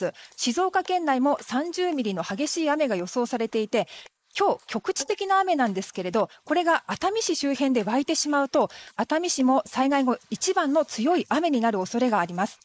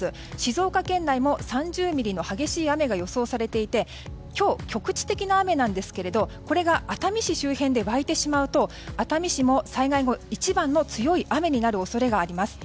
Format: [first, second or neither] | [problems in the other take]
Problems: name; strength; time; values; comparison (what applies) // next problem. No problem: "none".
second | noise reduction (neural mask model Resemble Enhance denoiser)